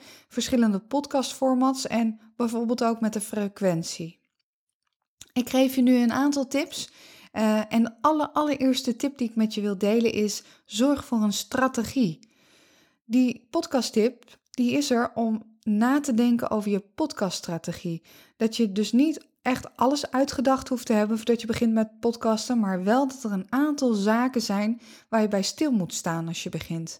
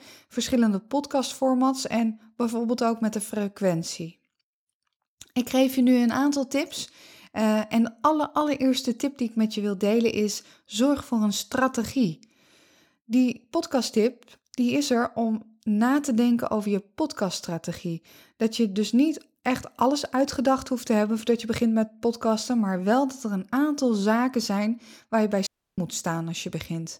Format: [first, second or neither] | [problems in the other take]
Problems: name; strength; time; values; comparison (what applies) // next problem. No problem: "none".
first | audio cutting out; at 25 s